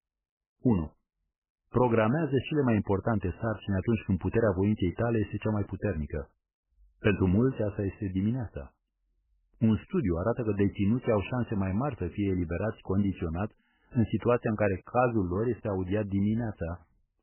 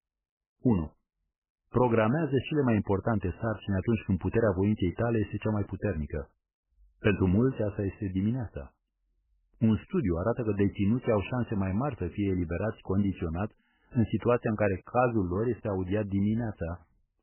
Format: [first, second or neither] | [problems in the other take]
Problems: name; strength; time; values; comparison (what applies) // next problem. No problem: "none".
neither | garbled, watery; badly; nothing above 3 kHz; the same in both